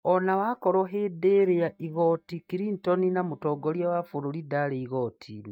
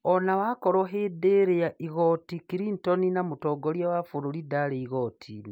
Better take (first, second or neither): second